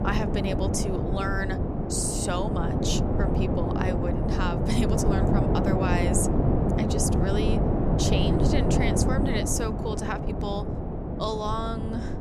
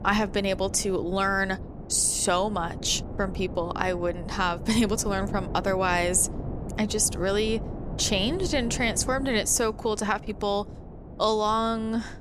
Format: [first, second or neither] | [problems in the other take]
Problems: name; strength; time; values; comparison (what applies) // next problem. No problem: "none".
second | wind noise on the microphone; heavy; as loud as the speech; occasional gusts in the second